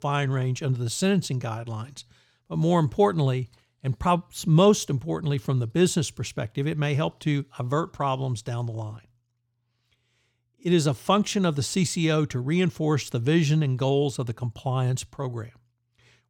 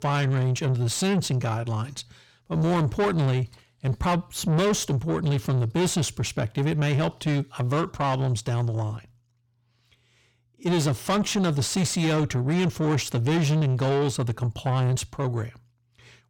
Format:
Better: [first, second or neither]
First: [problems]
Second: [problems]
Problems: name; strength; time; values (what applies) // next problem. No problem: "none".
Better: first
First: none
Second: distortion; heavy; 7 dB below the speech